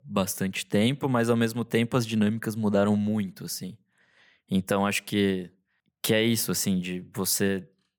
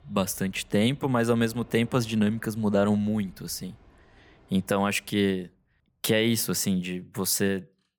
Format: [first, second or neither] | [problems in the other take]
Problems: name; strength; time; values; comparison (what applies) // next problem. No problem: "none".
first | train or aircraft noise; faint; until 5 s; 30 dB below the speech